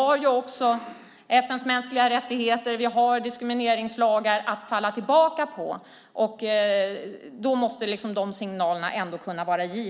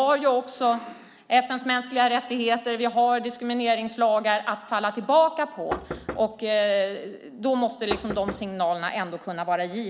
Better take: first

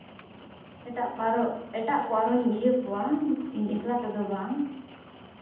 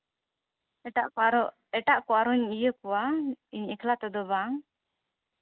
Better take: second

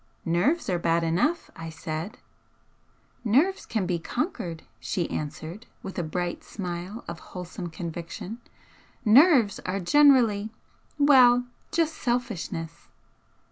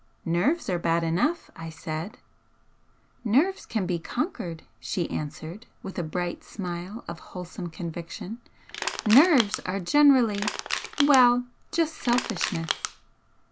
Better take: first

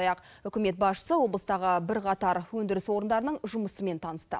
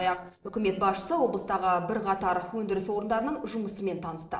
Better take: first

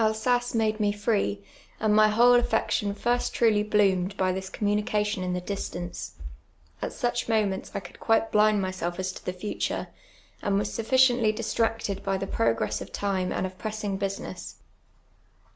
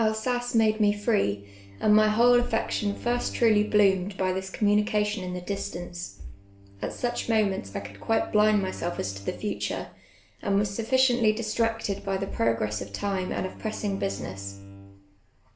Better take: first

